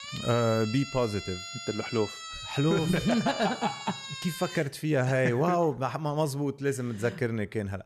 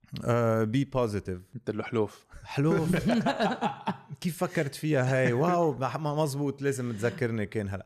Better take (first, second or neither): second